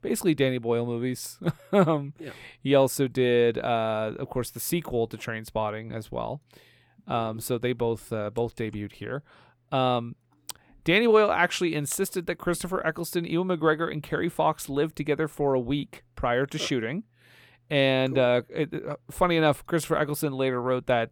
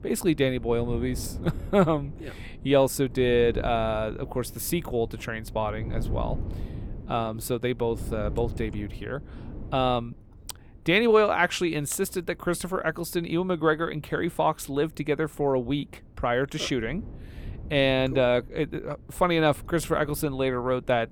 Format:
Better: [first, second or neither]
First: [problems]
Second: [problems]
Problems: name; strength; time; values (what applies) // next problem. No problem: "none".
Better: first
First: none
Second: wind noise on the microphone; occasional gusts; 20 dB below the speech